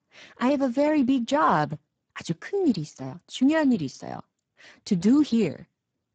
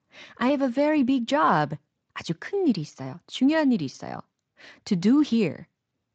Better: second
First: garbled, watery; badly; nothing above 8 kHz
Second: garbled, watery; slightly; nothing above 7.5 kHz

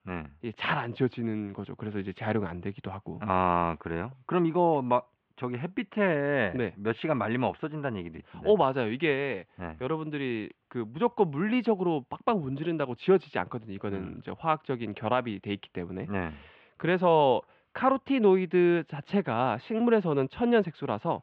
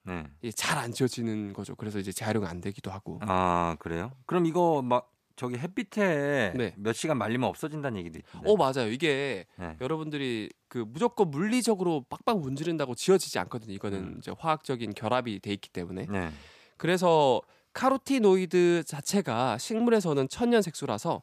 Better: second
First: muffled; very; fading above 3 kHz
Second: none

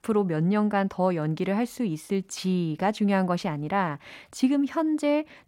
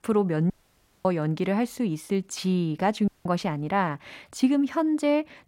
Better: first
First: none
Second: audio cutting out; at 0.5 s for 0.5 s and at 3 s

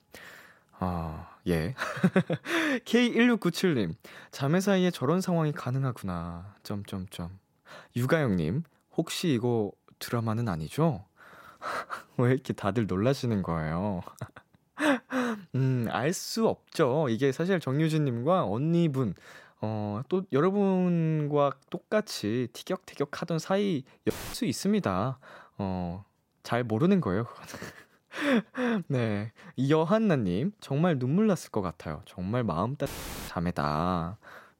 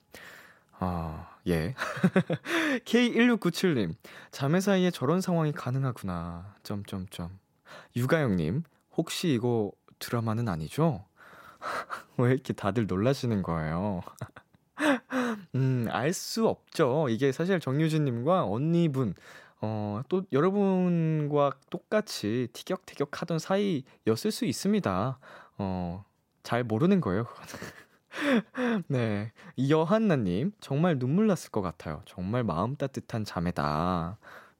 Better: second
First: audio cutting out; filled with static; at 24 s and at 33 s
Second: none

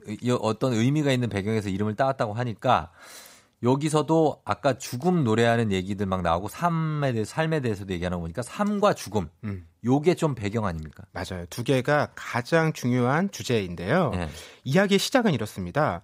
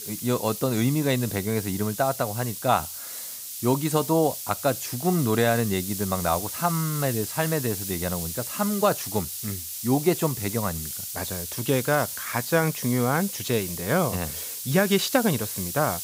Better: first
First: none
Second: hiss; loud; throughout; 6 dB below the speech

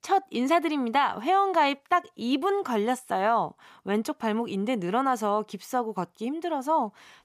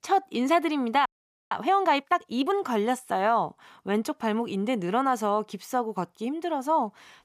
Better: first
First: none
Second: audio freezing; at 1 s

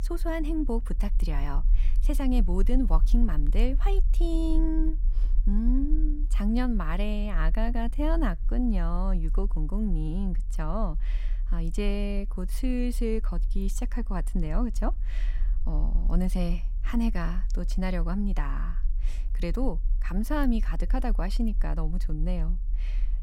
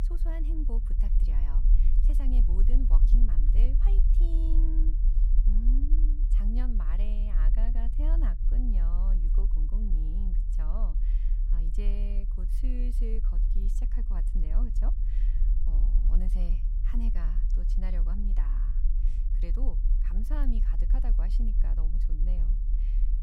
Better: first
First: low rumble; faint; throughout; 20 dB below the speech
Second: low rumble; loud; throughout; 5 dB below the speech

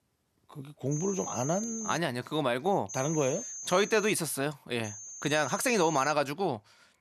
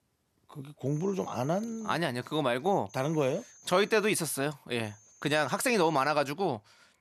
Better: second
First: high-pitched whine; loud; from 1 to 2 s, from 3 to 4 s and from 5 to 6 s; 6.5 kHz, 9 dB below the speech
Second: high-pitched whine; faint; from 1 to 2 s, from 3 to 4 s and from 5 to 6 s; 6.5 kHz, 25 dB below the speech

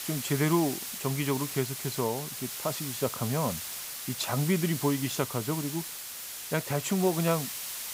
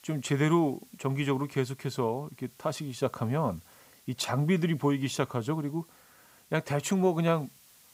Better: second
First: hiss; loud; throughout; 5 dB below the speech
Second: hiss; faint; throughout; 25 dB below the speech

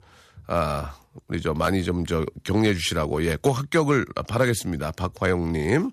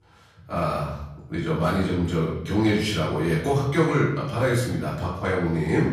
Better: first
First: none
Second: off-mic speech; far // room echo; noticeable; dies away in 0.8 s

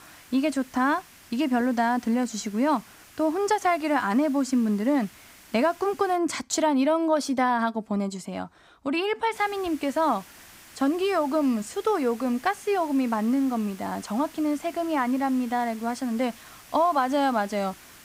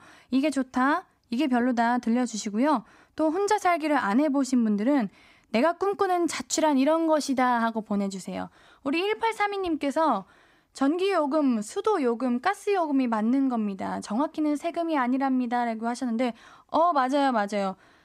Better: second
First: hiss; faint; until 6 s and from 9.5 s on; 20 dB below the speech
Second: none

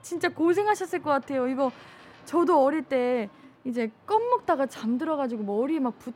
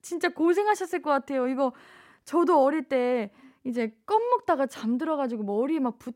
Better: second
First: train or aircraft noise; faint; throughout; 25 dB below the speech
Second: none

